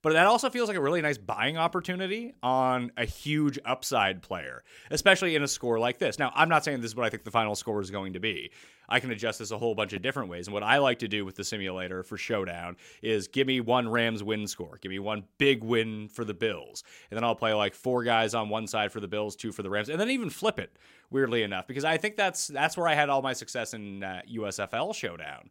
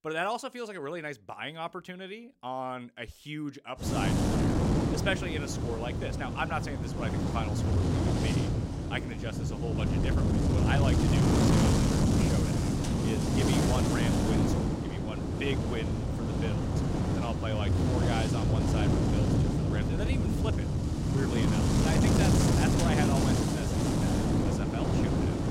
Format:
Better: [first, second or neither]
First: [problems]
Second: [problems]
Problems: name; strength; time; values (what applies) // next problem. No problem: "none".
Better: first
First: none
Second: wind noise on the microphone; heavy; from 4 s on; 3 dB above the speech